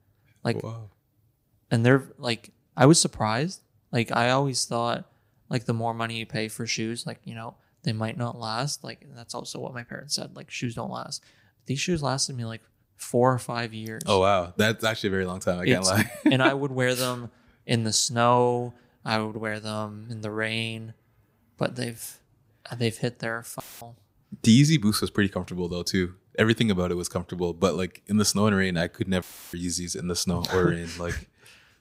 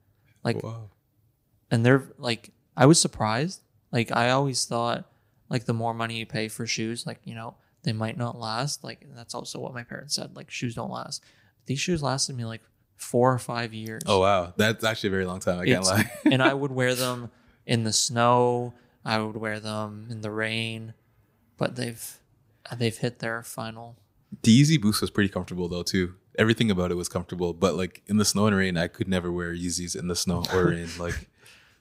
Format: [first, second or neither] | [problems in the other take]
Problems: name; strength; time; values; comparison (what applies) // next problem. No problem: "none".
second | audio cutting out; filled with static; at 24 s and at 29 s